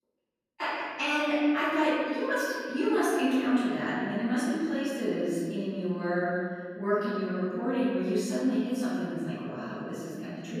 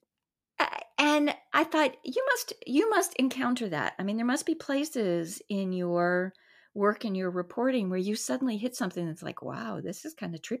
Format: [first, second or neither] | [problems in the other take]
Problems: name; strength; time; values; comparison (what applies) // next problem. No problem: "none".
second | off-mic speech; far // room echo; strong; dies away in 2 s